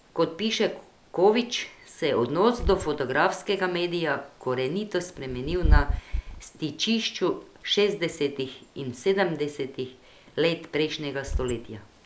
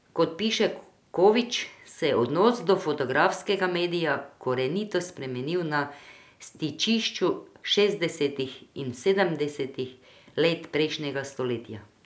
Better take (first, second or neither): second